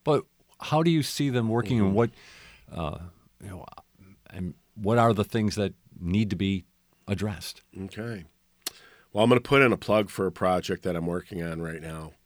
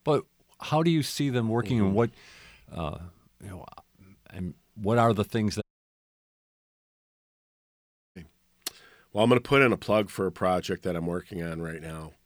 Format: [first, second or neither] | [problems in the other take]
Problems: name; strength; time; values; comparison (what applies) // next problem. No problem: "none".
first | audio cutting out; at 5.5 s for 2.5 s